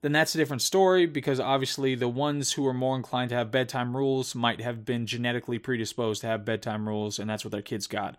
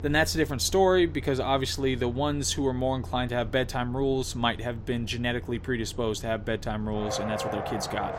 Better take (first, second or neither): first